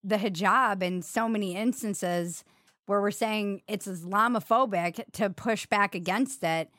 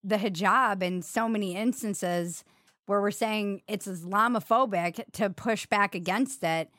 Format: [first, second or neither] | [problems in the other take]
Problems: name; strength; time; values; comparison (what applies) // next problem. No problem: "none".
neither | none